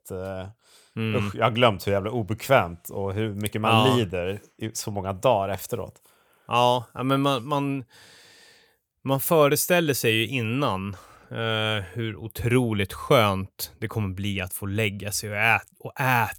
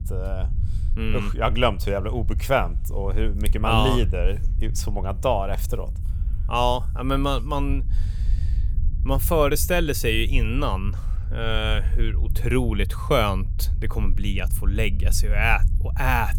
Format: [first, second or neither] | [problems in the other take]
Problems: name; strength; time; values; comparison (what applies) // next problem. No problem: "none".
first | low rumble; faint; throughout; 20 dB below the speech